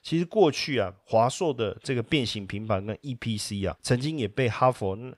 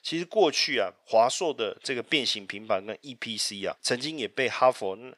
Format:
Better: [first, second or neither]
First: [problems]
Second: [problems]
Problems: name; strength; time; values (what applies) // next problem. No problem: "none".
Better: first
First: none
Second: thin; somewhat; fading below 300 Hz